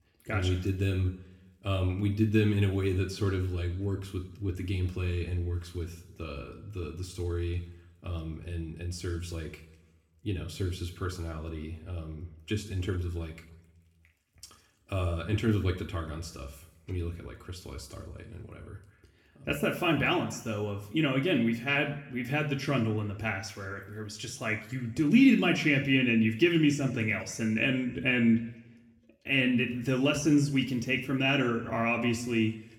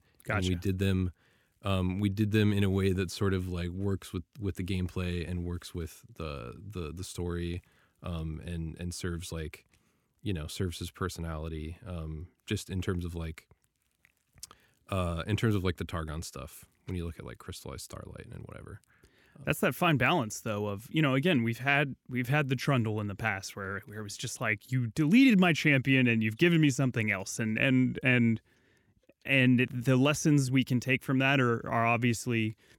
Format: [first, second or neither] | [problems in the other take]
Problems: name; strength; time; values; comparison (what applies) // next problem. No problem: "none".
second | room echo; slight; dies away in 0.7 s // off-mic speech; somewhat distant